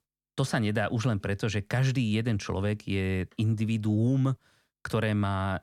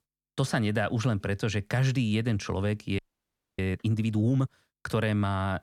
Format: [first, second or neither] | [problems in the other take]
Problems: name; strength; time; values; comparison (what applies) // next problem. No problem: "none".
first | audio freezing; at 3 s for 0.5 s